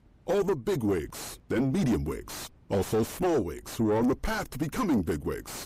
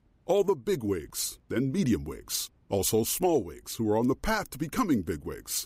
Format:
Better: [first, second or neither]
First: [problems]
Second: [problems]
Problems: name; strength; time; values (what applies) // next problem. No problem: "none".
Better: second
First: distortion; heavy; 5 dB below the speech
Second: none